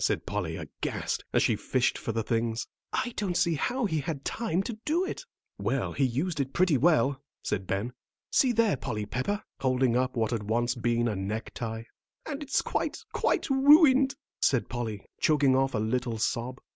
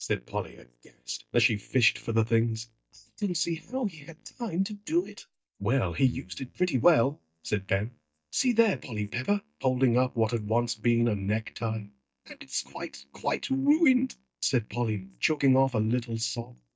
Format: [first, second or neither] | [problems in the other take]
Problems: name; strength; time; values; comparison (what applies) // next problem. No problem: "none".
first | noise reduction (neural mask model DeepFilterNet 3)